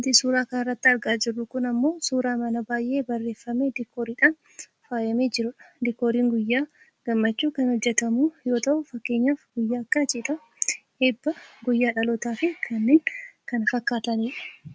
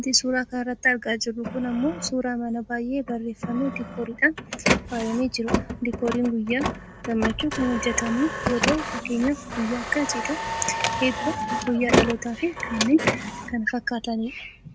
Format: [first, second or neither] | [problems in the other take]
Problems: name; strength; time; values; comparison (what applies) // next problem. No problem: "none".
first | background sound (Dog + Printer); 3 dB below the speech